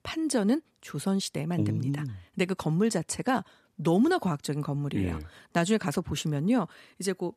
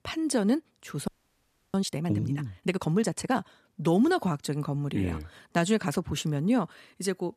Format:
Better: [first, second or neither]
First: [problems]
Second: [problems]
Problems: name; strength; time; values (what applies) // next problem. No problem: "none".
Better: first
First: none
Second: audio freezing; at 1 s for 0.5 s